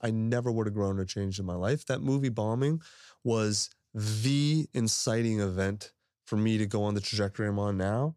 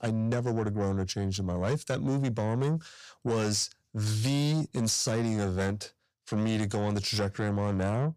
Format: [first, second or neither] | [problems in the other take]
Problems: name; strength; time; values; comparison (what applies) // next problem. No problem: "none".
first | distortion; slight; 10 dB below the speech